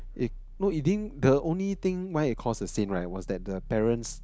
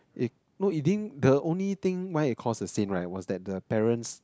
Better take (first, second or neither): second